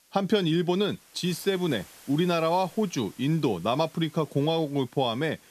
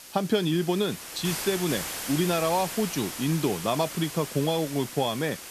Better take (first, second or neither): first